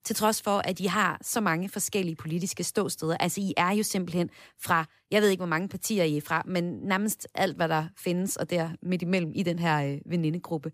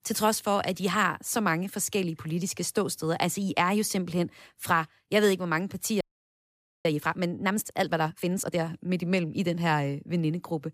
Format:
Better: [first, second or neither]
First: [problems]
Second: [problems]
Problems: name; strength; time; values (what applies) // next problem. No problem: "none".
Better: first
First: none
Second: audio freezing; at 6 s for 1 s